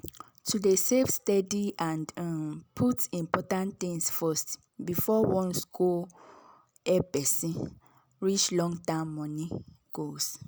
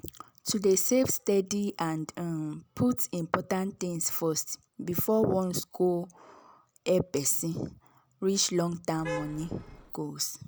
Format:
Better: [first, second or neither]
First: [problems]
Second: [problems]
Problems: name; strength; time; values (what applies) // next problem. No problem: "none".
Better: first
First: none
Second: background sound (Traffic noise, roadway noise / Vehicle horn, car horn, honking); 10 dB below the speech